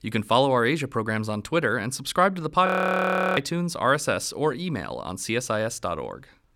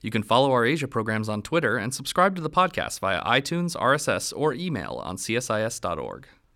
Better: second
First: audio freezing; at 2.5 s for 0.5 s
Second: none

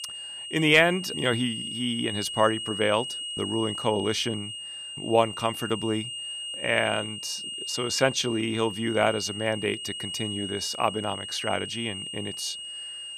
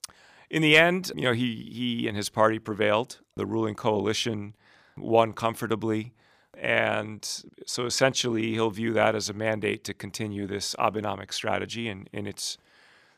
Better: second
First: high-pitched whine; loud; throughout; 3 kHz, 6 dB below the speech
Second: none

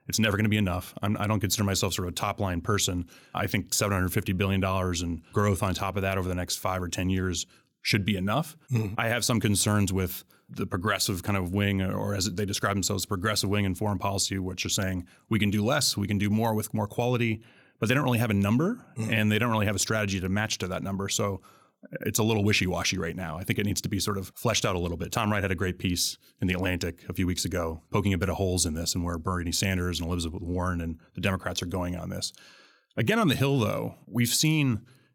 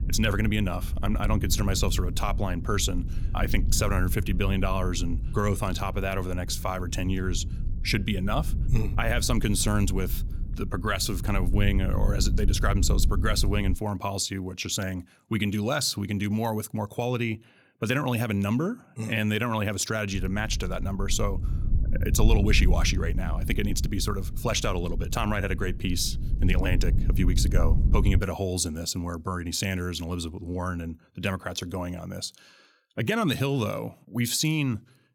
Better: first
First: none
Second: low rumble; noticeable; until 14 s and from 20 to 28 s; 15 dB below the speech

